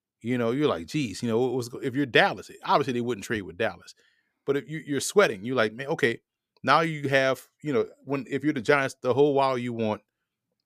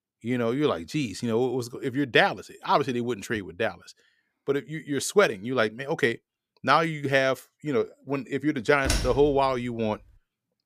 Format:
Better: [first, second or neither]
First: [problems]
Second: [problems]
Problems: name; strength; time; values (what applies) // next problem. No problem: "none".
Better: first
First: none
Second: door banging; noticeable; at 9 s; peak 2 dB below the speech